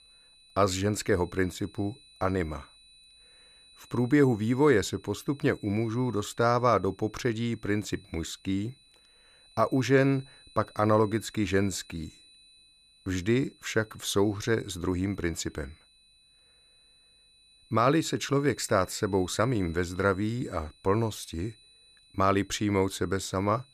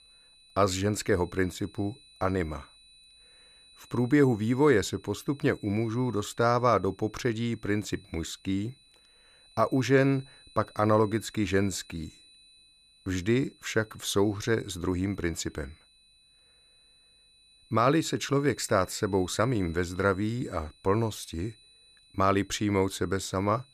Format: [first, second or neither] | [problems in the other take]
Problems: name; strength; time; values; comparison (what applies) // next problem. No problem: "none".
neither | high-pitched whine; faint; throughout; 4 kHz, 25 dB below the speech; the same in both